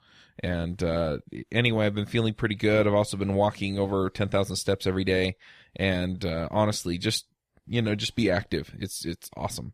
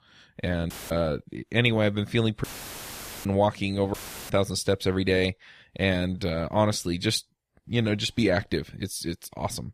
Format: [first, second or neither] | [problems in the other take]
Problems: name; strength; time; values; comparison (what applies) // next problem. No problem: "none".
first | audio cutting out; filled with static; at 0.5 s, at 2.5 s for 1 s and at 4 s